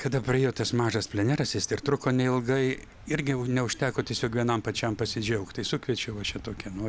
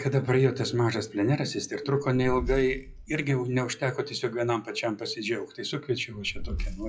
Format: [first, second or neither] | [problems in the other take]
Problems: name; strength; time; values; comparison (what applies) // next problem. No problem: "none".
first | noise reduction (classical method WPE with log-MMSE)